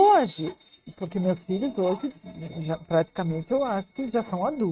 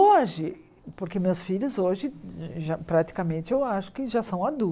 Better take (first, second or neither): second